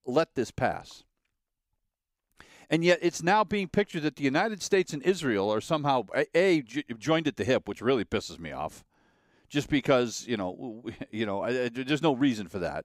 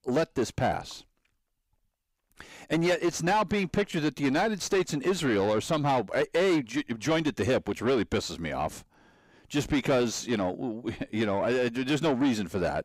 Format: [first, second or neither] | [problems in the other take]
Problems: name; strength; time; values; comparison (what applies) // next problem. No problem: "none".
first | distortion; heavy; 7 dB below the speech